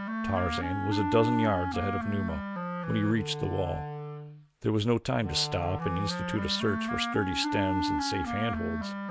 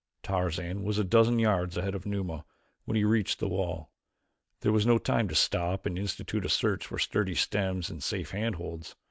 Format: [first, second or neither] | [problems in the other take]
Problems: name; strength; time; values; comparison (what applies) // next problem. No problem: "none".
second | background sound (Wind instrument, woodwind instrument); 2 dB below the speech